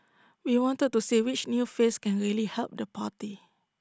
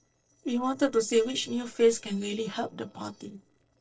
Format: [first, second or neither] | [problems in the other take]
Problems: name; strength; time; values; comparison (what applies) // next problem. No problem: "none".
first | noise reduction (neural separator model SepFormer DNS4)